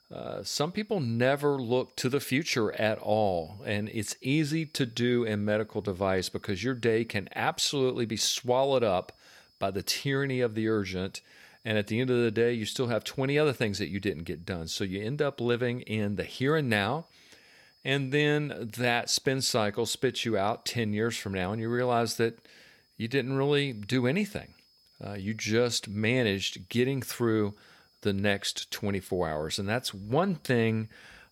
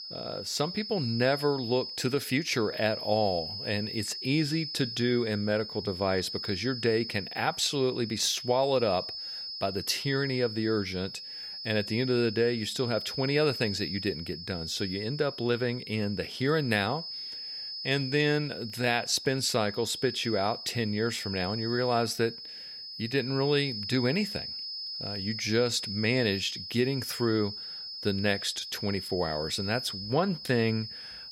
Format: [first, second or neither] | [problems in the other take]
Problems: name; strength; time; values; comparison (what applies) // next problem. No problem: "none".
first | high-pitched whine; loud; throughout; 5 kHz, 7 dB below the speech; faint in the first